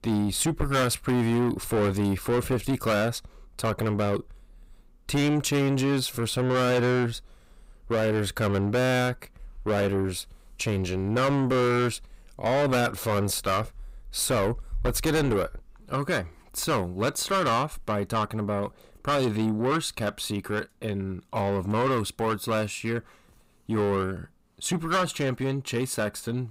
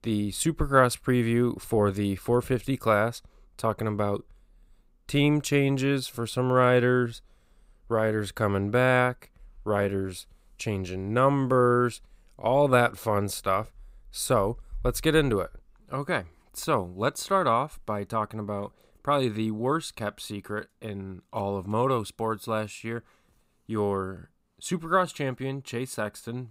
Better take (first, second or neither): second